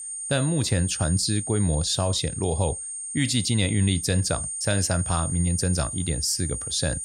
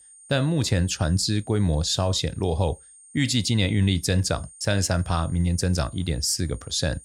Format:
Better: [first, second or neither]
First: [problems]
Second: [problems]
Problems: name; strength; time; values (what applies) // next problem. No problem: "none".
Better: second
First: high-pitched whine; loud; throughout; 8.5 kHz, 5 dB below the speech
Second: high-pitched whine; faint; throughout; 8.5 kHz, 20 dB below the speech